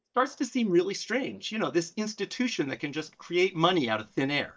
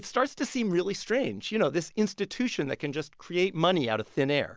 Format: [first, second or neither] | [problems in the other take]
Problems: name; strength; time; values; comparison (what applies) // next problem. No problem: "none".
second | noise reduction (neural mask model DeepFilterNet 3)